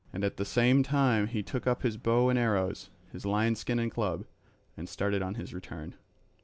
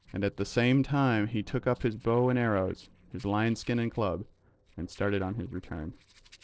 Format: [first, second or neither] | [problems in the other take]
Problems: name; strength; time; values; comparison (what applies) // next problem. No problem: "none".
first | noise reduction (neural separator model SepFormer DNS4)